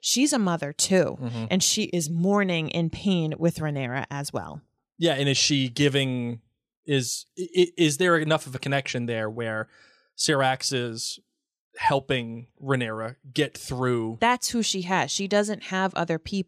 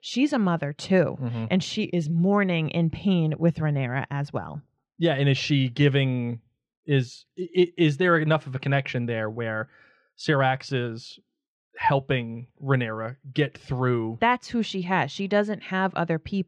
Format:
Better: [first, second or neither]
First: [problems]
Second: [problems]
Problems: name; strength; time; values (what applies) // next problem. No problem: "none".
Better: first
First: none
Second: muffled; slightly; fading above 2.5 kHz